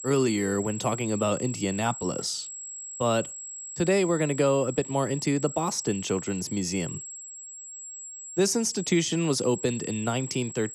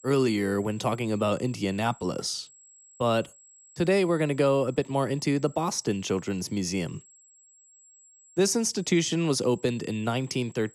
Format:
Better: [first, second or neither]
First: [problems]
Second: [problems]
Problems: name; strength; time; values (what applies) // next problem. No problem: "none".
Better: second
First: high-pitched whine; loud; throughout; 7.5 kHz, 10 dB below the speech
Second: high-pitched whine; faint; throughout; 7.5 kHz, 25 dB below the speech